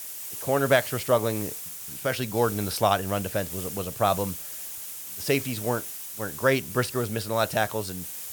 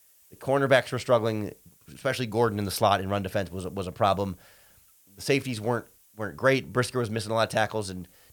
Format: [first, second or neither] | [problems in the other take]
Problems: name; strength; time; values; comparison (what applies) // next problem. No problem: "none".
second | hiss; loud; throughout; 8 dB below the speech; faint in the second